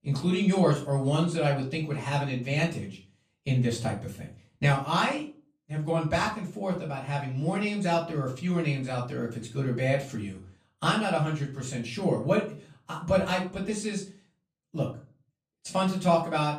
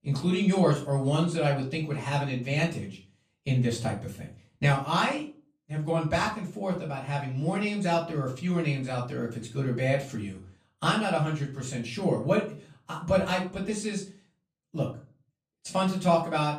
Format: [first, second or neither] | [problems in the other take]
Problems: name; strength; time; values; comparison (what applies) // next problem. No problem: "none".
neither | room echo; slight; dies away in 0.3 s; the same in both // off-mic speech; far; the same in both